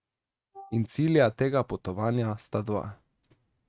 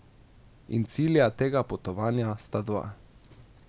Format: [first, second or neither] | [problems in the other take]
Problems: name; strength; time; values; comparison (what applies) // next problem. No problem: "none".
second | noise reduction (neural mask model RNNoise)